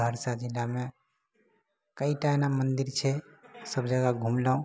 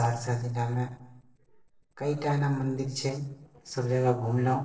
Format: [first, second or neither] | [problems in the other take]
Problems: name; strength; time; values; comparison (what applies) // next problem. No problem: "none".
first | noise reduction (neural separator model SepFormer DNS4)